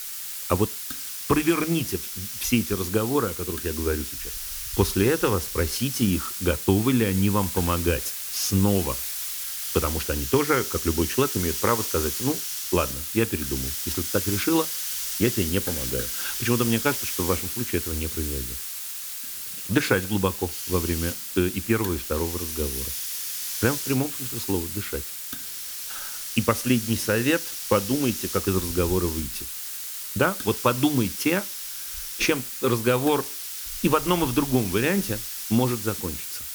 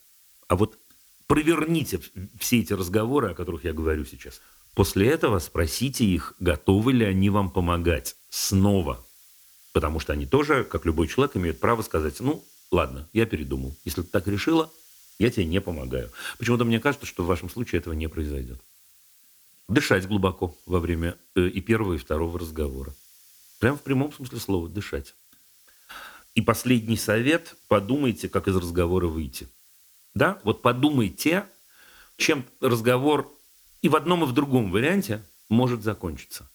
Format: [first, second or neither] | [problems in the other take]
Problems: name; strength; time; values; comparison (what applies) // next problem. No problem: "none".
second | hiss; loud; throughout; 4 dB below the speech; faint in the second